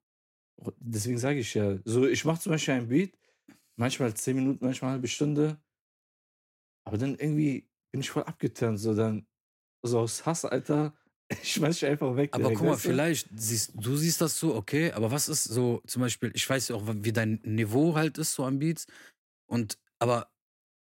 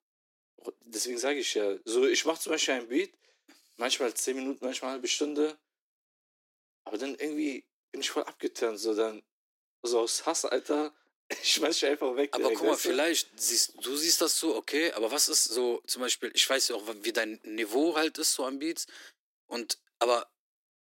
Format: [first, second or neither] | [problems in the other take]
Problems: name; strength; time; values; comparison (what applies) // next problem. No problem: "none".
first | thin; somewhat; fading below 300 Hz